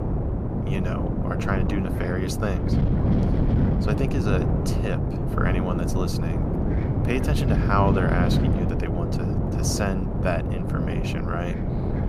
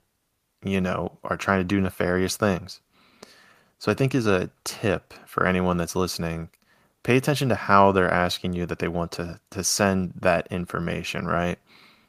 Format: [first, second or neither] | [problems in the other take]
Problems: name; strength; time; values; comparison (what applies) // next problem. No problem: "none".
second | wind noise on the microphone; heavy; 2 dB below the speech